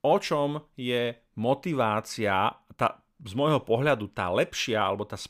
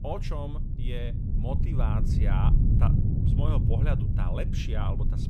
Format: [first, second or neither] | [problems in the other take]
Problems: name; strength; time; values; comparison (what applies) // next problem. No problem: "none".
first | low rumble; loud; throughout; 1 dB below the speech